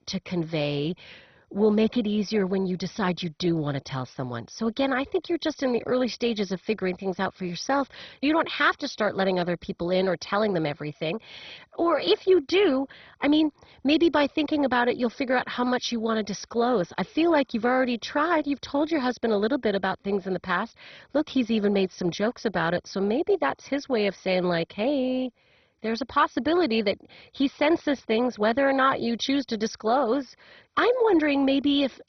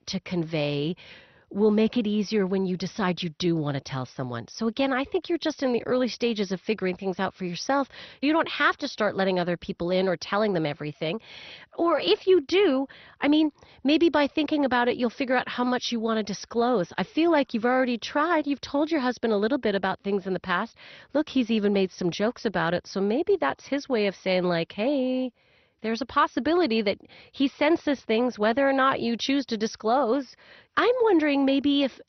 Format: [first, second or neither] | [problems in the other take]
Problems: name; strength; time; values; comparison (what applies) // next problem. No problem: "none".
second | garbled, watery; badly; nothing above 6 kHz; slightly in the second